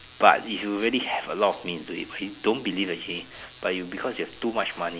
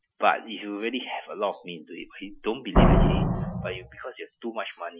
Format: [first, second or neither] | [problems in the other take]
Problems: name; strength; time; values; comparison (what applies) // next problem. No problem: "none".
first | noise reduction (classical method Wiener filter)